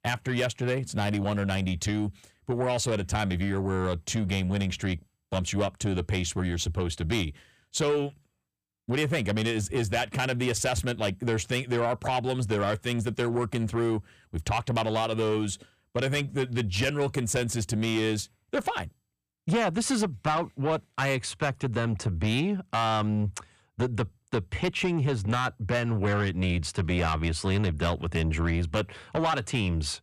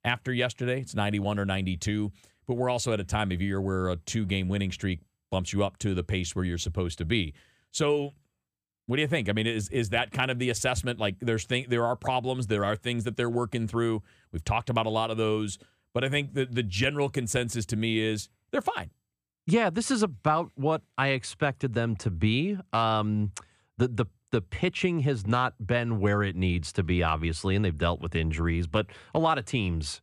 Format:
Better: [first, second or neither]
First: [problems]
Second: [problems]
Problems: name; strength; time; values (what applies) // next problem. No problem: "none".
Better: second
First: distortion; slight; 10 dB below the speech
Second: none